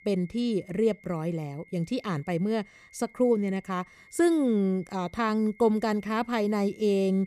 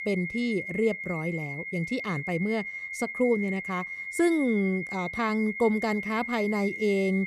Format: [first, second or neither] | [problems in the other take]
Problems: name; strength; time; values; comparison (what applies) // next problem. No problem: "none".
first | high-pitched whine; loud; throughout; 2 kHz, 6 dB below the speech; faint in the first